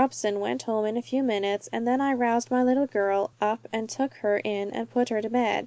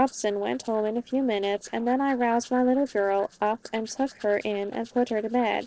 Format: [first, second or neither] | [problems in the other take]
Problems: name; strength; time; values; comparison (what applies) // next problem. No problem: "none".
first | noise reduction (neural separator model SepFormer DNS4)